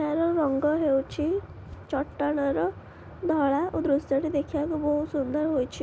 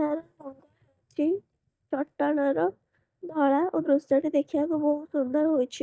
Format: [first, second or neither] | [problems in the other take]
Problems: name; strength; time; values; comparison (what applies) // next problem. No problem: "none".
first | noise reduction (neural mask model DeepFilterNet 3)